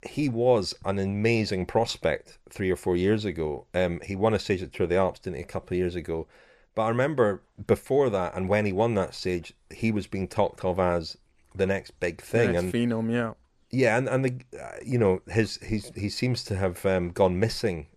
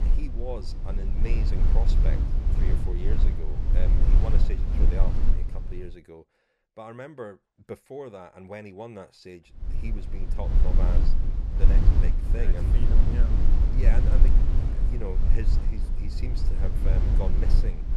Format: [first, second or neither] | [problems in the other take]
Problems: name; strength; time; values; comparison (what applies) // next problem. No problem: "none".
first | low rumble; loud; until 6 s and from 9.5 s on; 1 dB below the speech